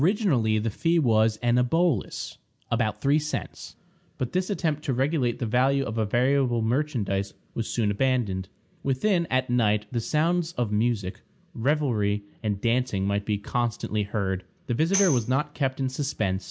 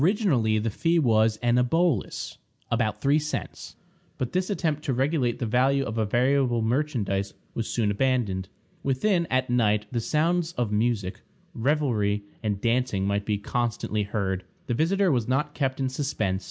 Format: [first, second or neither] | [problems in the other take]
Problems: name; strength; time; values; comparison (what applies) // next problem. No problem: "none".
second | background sound (Tambourine); 10 dB below the speech